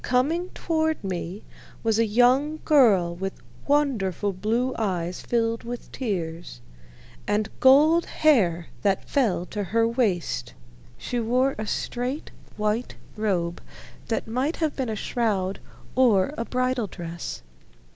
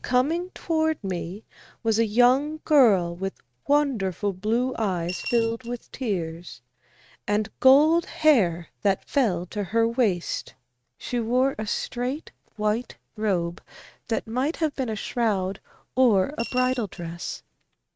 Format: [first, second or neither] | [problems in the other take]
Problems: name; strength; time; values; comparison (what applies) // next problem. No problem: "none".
first | noise reduction (neural mask model RNNoise)